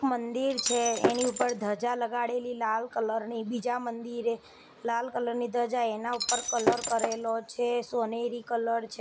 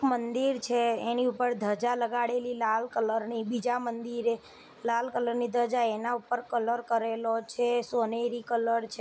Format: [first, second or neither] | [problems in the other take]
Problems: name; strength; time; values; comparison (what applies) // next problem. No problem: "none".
second | background sound (Shatter); 1 dB below the speech